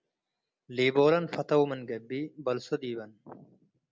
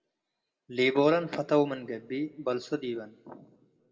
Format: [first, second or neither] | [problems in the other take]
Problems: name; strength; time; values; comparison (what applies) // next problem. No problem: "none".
first | room echo; dies away in 0.5 s